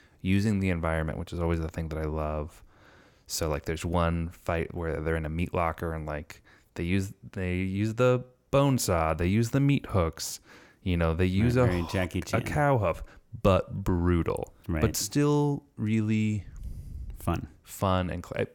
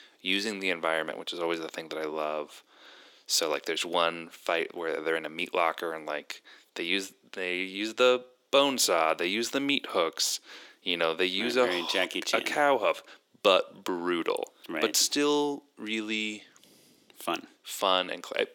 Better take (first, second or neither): first